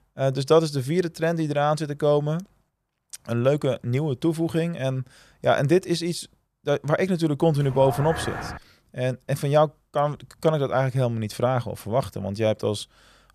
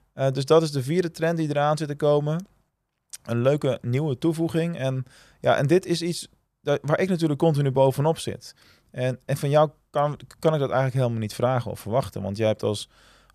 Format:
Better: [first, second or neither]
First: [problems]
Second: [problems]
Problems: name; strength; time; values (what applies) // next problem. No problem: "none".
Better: second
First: dog barking; noticeable; at 7.5 s; peak 7 dB below the speech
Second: none